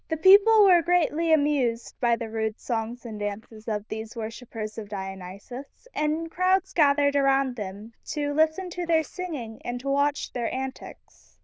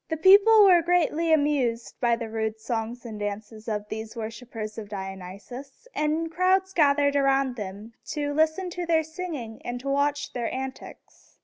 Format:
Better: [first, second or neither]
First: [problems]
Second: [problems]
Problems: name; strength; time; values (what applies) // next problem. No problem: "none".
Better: second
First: noise reduction (neural diffusion model UNIVERSE++)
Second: none